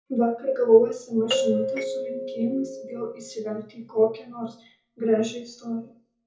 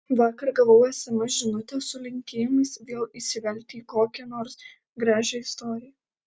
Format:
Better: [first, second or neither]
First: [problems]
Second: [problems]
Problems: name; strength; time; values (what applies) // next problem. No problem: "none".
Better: second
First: background sound (Doorbell); 4 dB below the speech // room echo; dies away in 0.6 s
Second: none